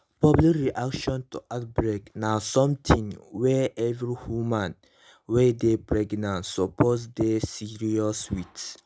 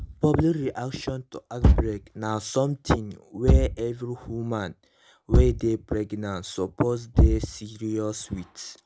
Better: first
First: none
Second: background sound (Thump, thud); 1 dB above the speech

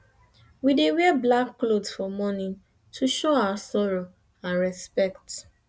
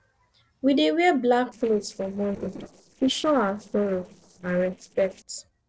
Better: first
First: none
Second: noise reduction (neural separator model SepFormer DNS4)

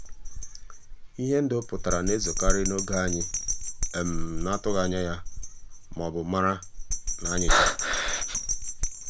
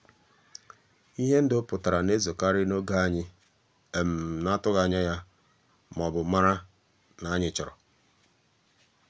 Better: second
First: background sound (Bell + Breathing); 2 dB above the speech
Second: none

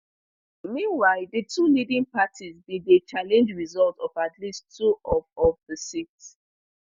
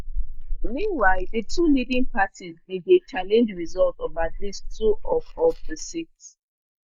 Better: first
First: none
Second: noise reduction (neural mask model Resemble Enhance denoiser)

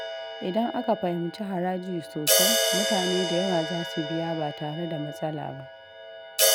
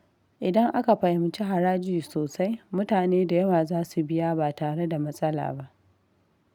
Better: second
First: background sound (Crash cymbal); 1 dB above the speech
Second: none

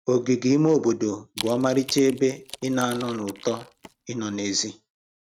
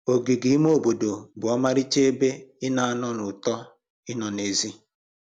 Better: second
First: noise reduction (neural mask model RNNoise)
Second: none

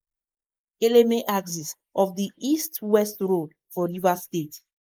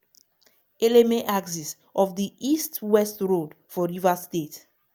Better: second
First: noise reduction (neural mask model Resemble Enhance denoiser)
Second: none

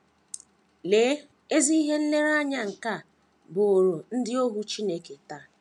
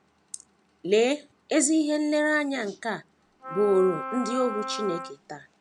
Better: first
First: none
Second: background sound (Wind instrument, woodwind instrument); 8 dB below the speech

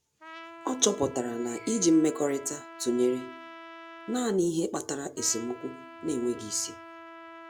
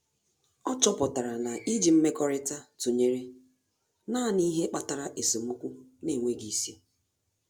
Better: second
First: background sound (Trumpet); 16 dB below the speech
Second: none

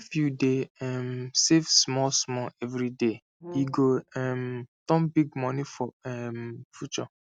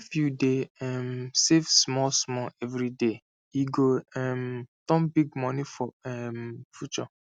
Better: second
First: background sound (Brass instrument); 16 dB below the speech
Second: none

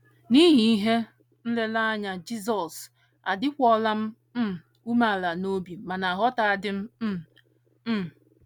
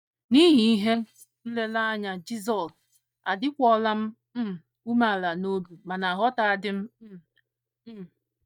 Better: first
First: none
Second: noise reduction (neural mask model DeepFilterNet 3)

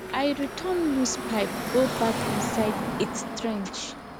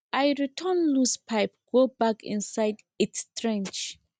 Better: second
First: background sound (Car passing by / Traffic noise, roadway noise); 3 dB below the speech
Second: none

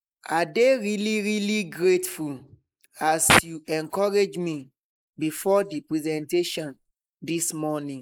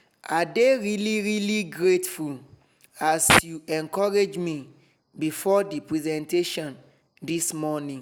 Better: second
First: noise reduction (neural mask model Resemble Enhance denoiser)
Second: none

